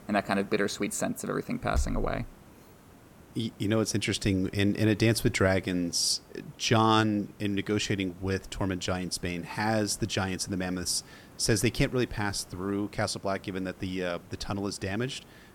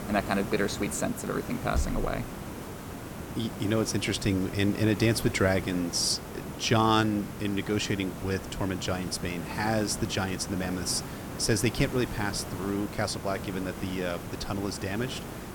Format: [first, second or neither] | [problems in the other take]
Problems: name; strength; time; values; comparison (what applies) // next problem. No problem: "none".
first | hiss; loud; throughout; 9 dB below the speech; faint in the first